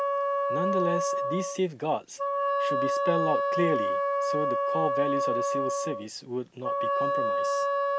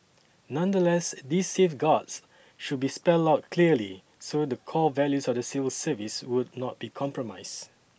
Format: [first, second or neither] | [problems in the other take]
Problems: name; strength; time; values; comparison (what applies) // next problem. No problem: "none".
second | background sound (Wind instrument, woodwind instrument); 5 dB above the speech